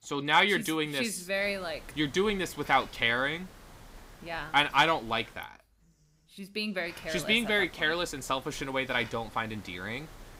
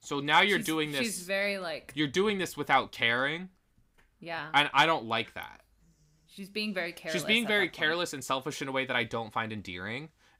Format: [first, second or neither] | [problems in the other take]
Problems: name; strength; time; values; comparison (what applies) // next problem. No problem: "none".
second | hiss; faint; from 1.5 to 5.5 s and from 7 s on; 20 dB below the speech